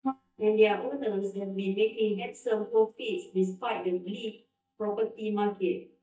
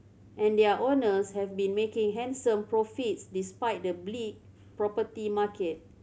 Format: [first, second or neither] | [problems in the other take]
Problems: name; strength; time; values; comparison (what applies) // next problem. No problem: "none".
second | noise reduction (neural mask model DeepFilterNet 3)